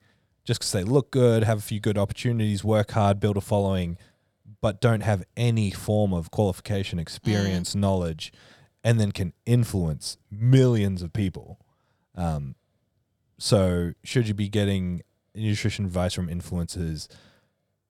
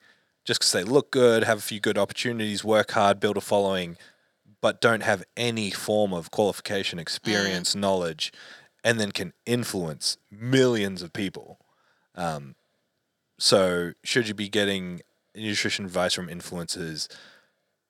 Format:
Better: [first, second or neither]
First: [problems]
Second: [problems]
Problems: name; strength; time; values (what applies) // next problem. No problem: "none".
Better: first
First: none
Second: thin; somewhat; fading below 300 Hz